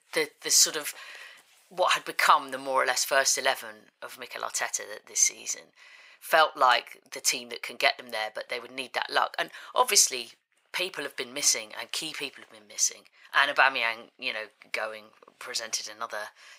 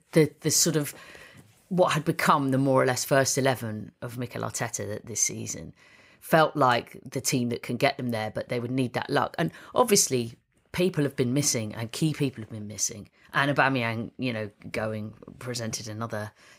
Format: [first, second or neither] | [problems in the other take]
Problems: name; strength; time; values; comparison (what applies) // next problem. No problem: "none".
second | thin; very; fading below 800 Hz